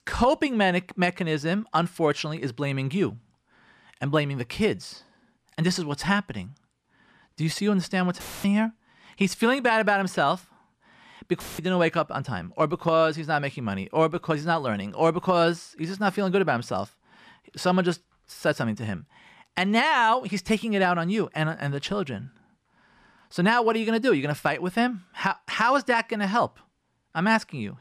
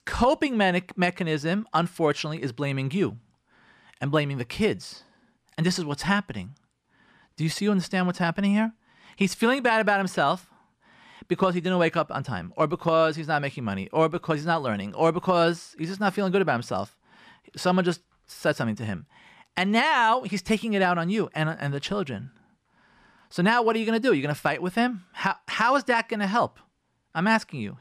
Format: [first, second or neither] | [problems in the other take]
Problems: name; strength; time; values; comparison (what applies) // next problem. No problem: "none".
second | audio cutting out; filled with static; at 8 s and at 11 s